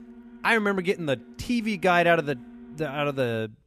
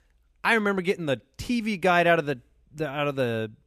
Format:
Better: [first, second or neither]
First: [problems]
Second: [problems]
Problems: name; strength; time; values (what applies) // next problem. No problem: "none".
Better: second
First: alarms or sirens; faint; throughout; 20 dB below the speech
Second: none